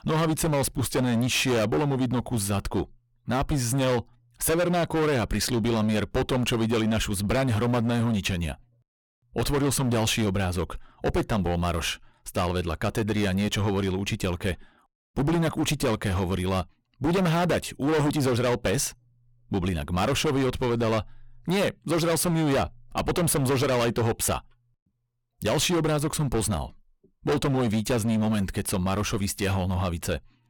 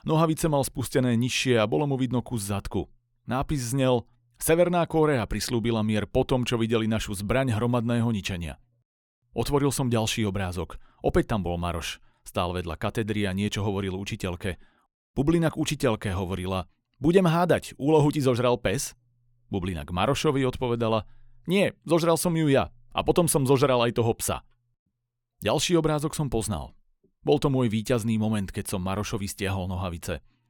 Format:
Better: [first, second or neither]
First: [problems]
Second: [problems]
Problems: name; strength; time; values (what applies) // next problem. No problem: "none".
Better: second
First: distortion; heavy; 20% of the sound clipped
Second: none